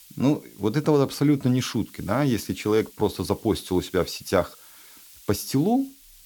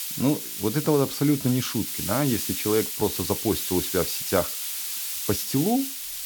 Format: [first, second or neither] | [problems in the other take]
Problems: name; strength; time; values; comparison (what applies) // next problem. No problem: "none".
first | hiss; loud; throughout; 3 dB below the speech; faint in the first